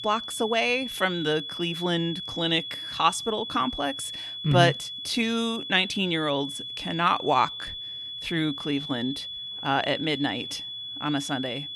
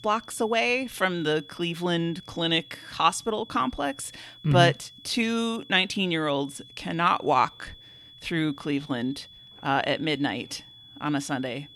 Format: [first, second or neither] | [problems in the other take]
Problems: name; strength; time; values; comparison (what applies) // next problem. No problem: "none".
second | high-pitched whine; loud; throughout; 3.5 kHz, 7 dB below the speech; faint in the second